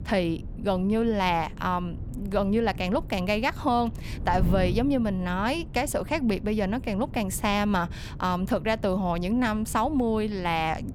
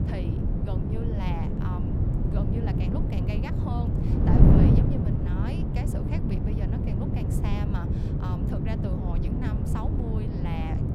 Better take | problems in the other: first | wind noise on the microphone; heavy; 5 dB above the speech; occasional gusts in the first

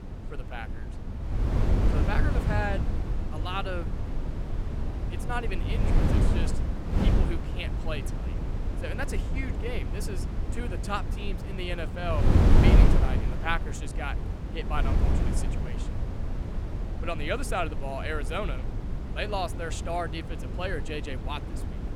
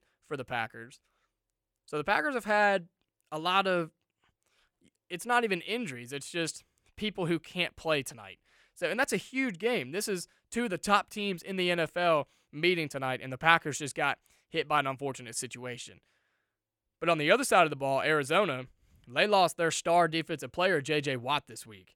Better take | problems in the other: second | wind noise on the microphone; heavy; 4 dB below the speech

